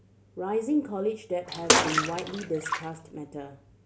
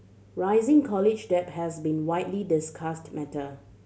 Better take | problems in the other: second | background sound (Bathtub (filling or washing) / Water / Splash, splatter); 5 dB above the speech

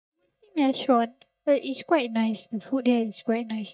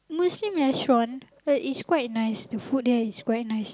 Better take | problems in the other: second | noise reduction (neural mask model DeepFilterNet 3)

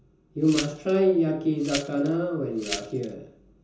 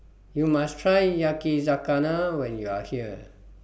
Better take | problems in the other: second | background sound (Glass); 13 dB below the speech // room echo; dies away in 0.6 s

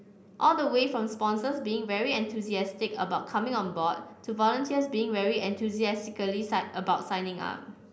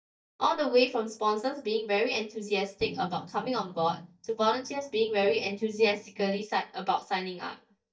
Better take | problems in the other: first | noise reduction (neural mask model DeepFilterNet 3)

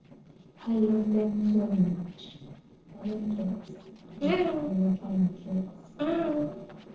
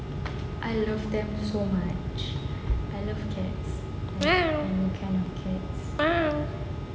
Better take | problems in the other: second | noise reduction (neural separator model SepFormer DNS4)

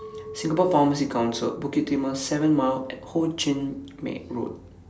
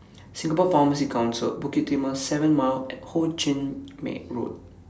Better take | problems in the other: second | background sound (Chink, clink); 19 dB below the speech

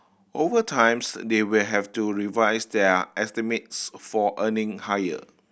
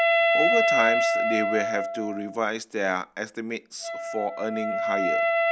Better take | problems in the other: first | background sound (Wind instrument, woodwind instrument); 5 dB above the speech

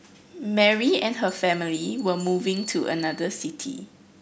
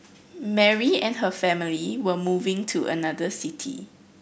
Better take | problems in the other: second | background sound (Bell); 19 dB below the speech

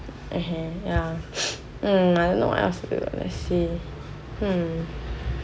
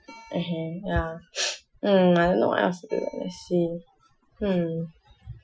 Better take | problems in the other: first | noise reduction (classical method Wiener filter)

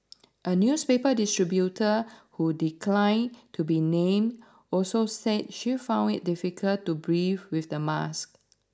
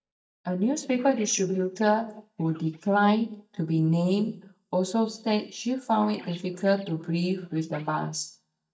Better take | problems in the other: first | noise reduction (neural mask model DeepFilterNet 3)

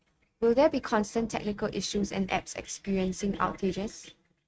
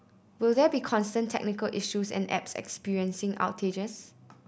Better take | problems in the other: second | noise reduction (neural mask model RNNoise)

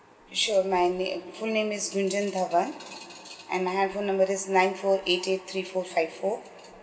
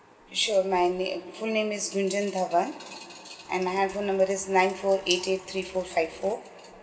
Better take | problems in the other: first | background sound (Bathtub (filling or washing)); 18 dB below the speech

